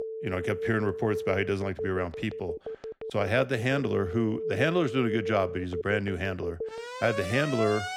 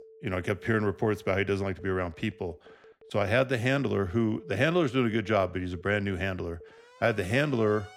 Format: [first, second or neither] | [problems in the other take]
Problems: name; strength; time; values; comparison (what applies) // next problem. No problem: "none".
second | alarms or sirens; loud; throughout; 7 dB below the speech; faint in the second